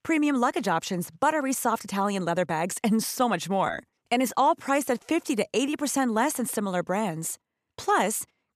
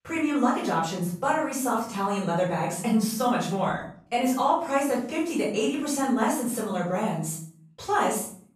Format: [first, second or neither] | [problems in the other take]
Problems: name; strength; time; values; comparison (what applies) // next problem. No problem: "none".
first | off-mic speech; far // room echo; noticeable; dies away in 0.5 s